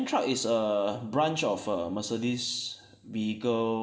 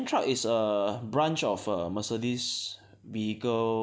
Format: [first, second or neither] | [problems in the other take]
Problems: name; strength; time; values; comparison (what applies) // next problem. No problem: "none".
second | room echo; dies away in 0.7 s